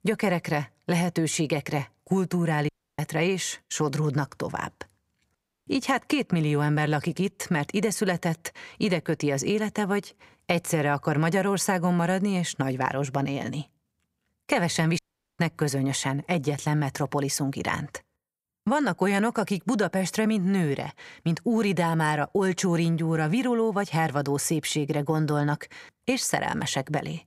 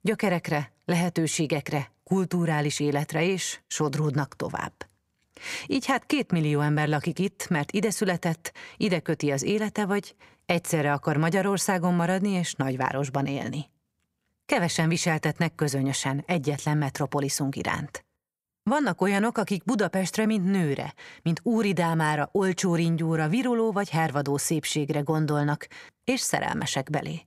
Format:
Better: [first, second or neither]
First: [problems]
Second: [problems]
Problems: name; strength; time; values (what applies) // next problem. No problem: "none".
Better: second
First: audio cutting out; at 2.5 s, at 5.5 s and at 15 s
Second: none